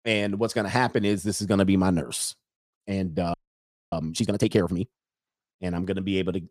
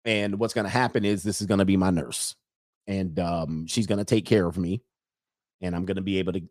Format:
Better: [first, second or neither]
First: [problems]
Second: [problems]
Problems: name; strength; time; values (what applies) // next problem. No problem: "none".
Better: second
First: audio freezing; at 3.5 s for 0.5 s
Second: none